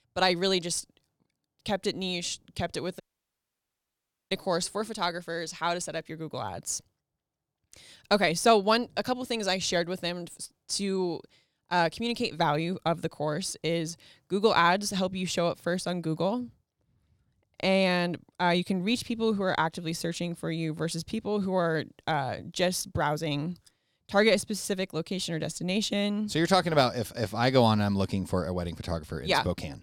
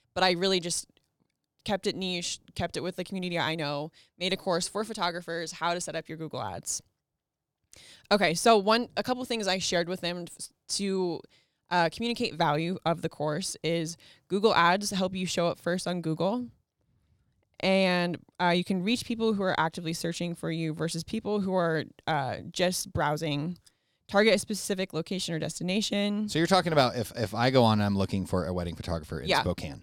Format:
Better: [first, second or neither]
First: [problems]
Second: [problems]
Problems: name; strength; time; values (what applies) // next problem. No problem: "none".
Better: second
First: audio cutting out; at 3 s for 1.5 s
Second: none